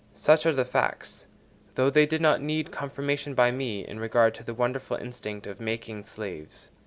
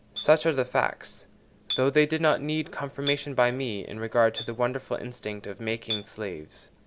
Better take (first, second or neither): first